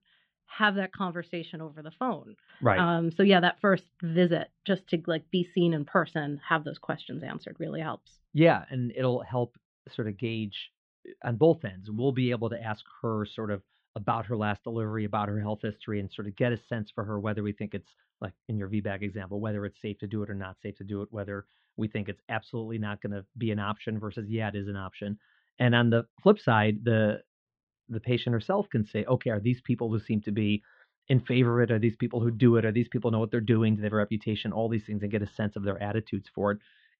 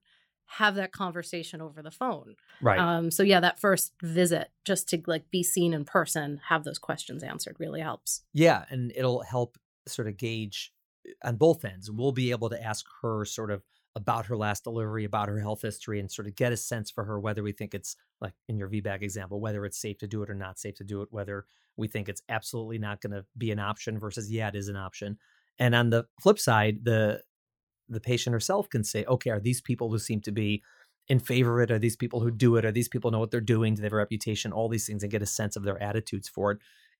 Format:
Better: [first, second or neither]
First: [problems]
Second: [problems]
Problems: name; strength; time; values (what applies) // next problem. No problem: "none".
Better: second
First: muffled; very; fading above 3.5 kHz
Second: none